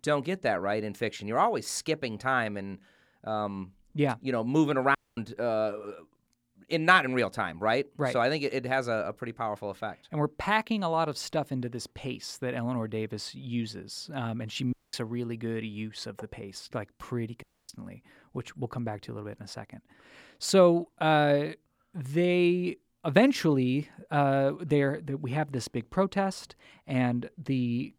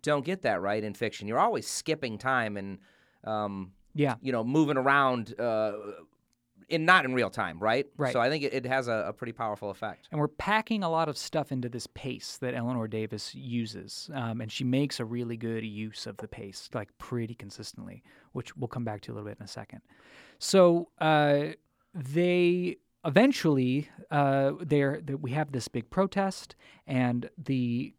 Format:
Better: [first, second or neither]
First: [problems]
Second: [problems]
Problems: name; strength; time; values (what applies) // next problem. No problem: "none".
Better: second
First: audio cutting out; at 5 s, at 15 s and at 17 s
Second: none